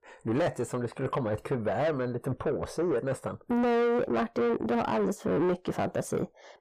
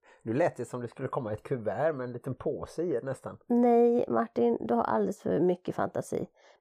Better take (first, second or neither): second